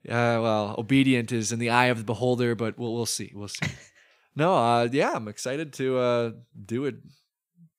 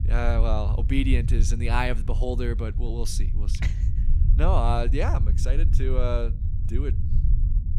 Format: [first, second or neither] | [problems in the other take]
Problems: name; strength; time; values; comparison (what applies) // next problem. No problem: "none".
first | low rumble; noticeable; throughout; 10 dB below the speech